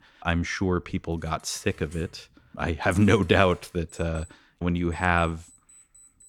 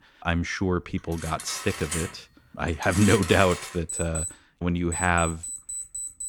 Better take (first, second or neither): first